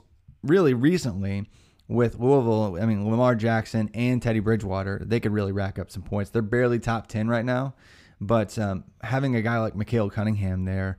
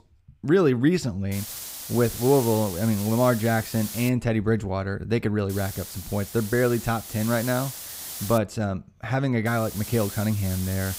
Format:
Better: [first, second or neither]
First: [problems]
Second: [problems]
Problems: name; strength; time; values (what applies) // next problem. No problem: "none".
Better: first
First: none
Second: hiss; loud; from 1.5 to 4 s, from 5.5 to 8.5 s and from 9.5 s on; 10 dB below the speech